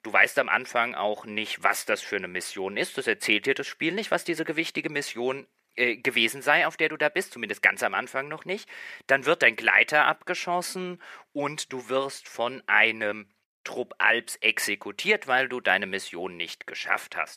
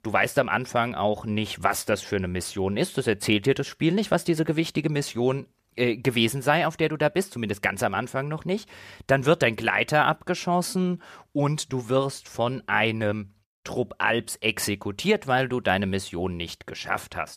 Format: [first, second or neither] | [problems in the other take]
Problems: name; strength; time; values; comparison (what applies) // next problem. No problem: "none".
second | thin; somewhat; fading below 350 Hz